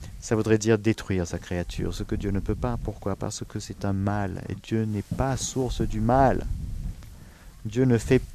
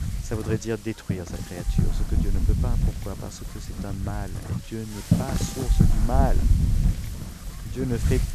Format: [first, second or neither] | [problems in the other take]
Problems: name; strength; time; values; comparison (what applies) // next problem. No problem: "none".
first | wind noise on the microphone; heavy; 3 dB below the speech; occasional gusts in the first